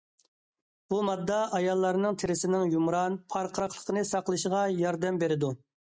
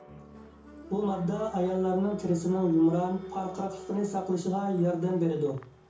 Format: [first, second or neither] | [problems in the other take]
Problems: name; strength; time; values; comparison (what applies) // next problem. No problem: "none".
first | background sound (Applause); 16 dB below the speech // room echo; dies away in 0.6 s